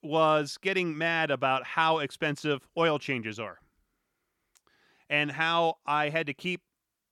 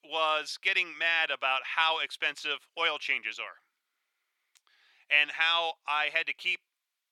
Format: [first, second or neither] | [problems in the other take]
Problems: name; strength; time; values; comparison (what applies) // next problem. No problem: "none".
first | thin; very; fading below 800 Hz